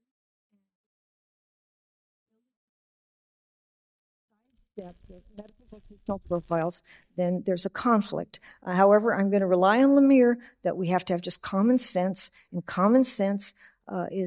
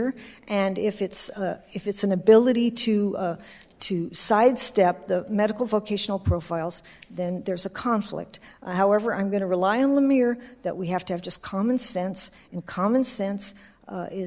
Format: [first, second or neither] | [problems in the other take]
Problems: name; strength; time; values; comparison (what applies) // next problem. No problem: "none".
second | noise reduction (neural mask model DeepFilterNet 3)